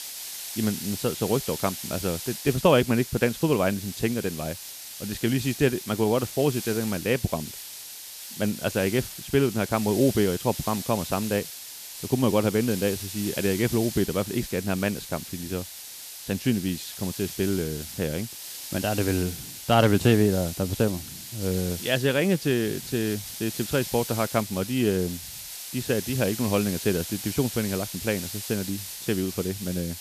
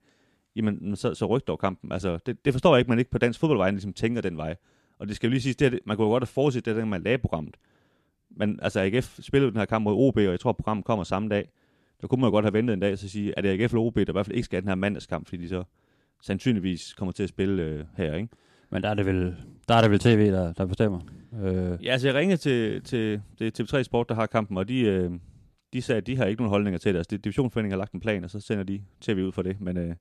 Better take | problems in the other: second | hiss; loud; throughout; 9 dB below the speech

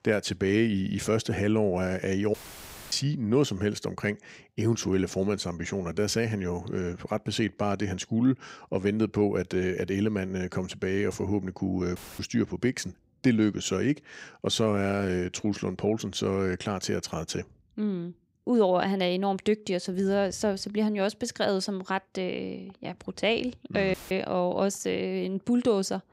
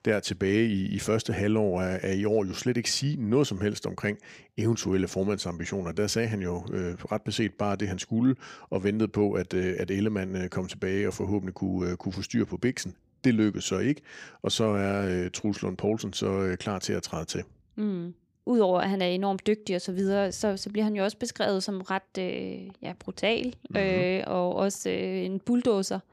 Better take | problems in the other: second | audio cutting out; filled with static; at 2.5 s for 0.5 s, at 12 s and at 24 s

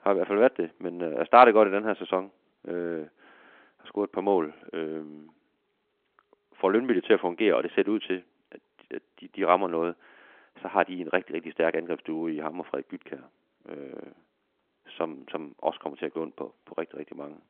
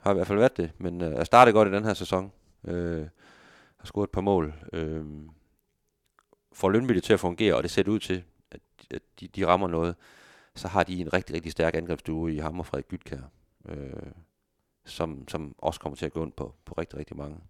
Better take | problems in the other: second | phone-call audio

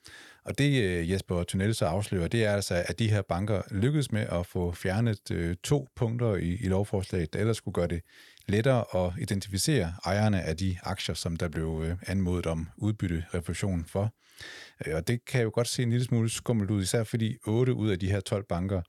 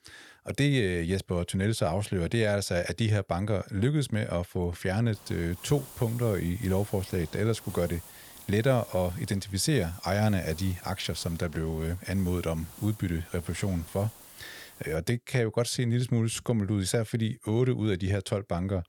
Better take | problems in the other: first | hiss; noticeable; from 5 to 15 s; 20 dB below the speech

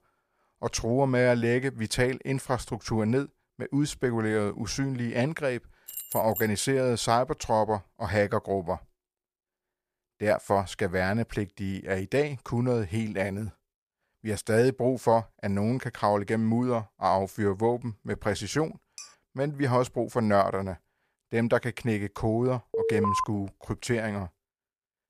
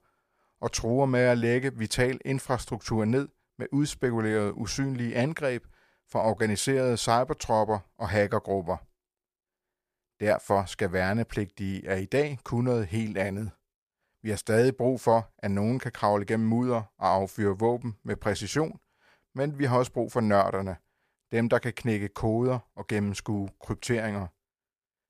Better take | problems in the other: second | jangling keys; noticeable; at 6 s; peak 6 dB below the speech // clattering dishes; faint; at 19 s; peak 15 dB below the speech // alarm; loud; at 23 s; peak 1 dB above the speech

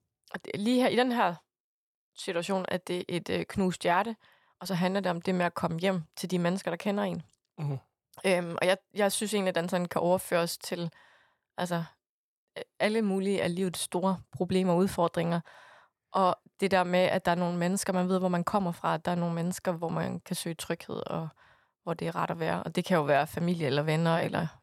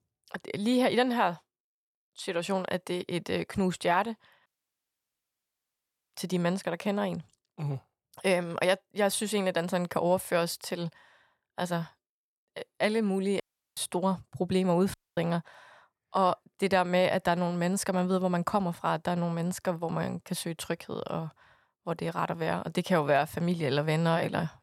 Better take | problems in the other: first | audio cutting out; at 4.5 s for 1.5 s, at 13 s and at 15 s

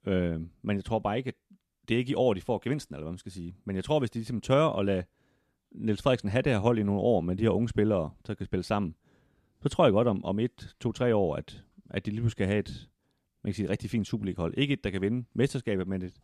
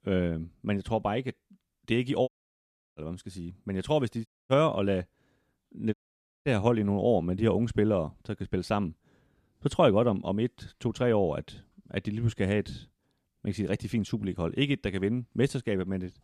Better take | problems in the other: first | audio cutting out; at 2.5 s for 0.5 s, at 4.5 s and at 6 s for 0.5 s

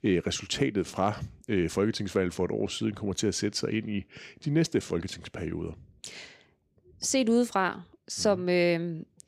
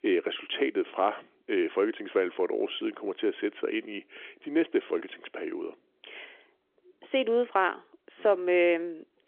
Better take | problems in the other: first | phone-call audio; nothing above 3.5 kHz

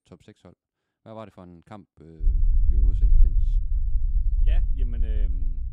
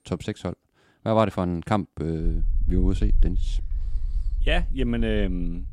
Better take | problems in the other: second | low rumble; loud; from 2 s on; 2 dB below the speech; faint in the second

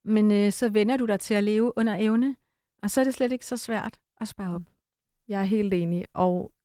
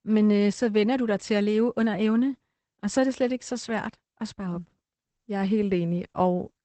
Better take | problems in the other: first | garbled, watery; badly; nothing above 8 kHz; slightly in the first

